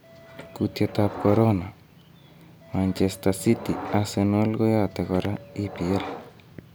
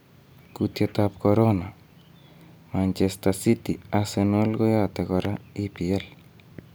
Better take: second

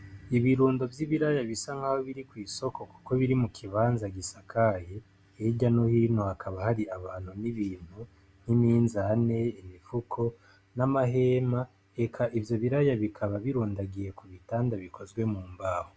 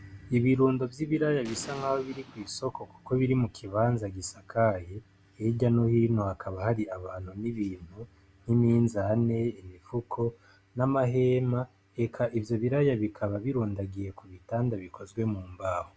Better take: first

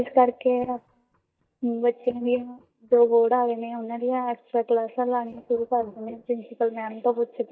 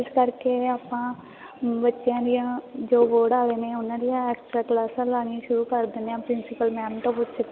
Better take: second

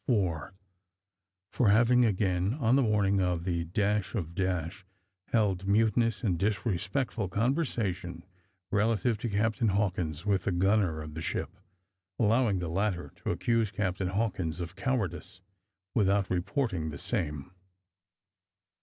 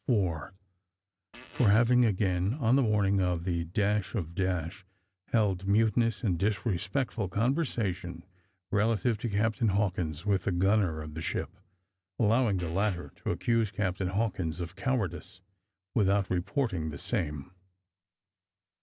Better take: first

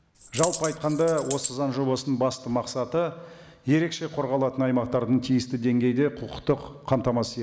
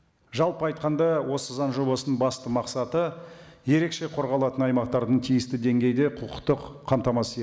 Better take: second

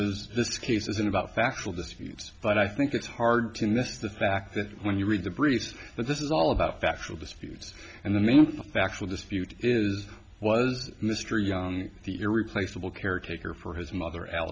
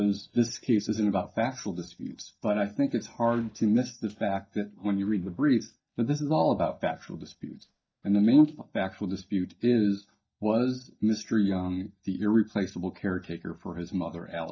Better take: first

